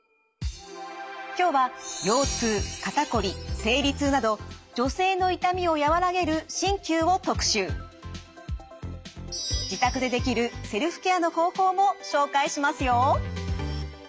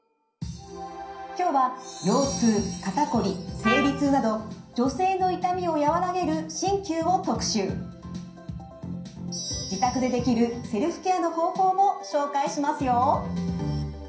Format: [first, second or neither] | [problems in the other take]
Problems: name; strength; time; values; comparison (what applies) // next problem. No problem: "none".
first | background sound (Trumpet); 5 dB below the speech // room echo; dies away in 0.6 s